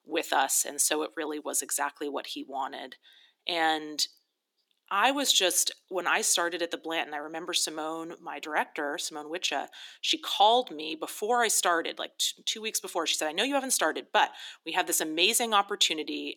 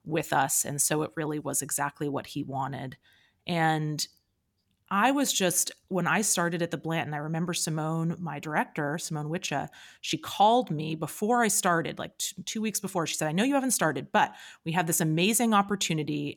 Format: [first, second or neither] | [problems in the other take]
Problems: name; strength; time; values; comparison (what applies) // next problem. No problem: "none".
second | thin; somewhat; fading below 300 Hz